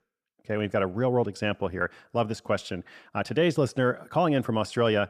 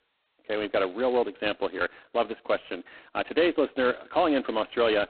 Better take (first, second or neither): first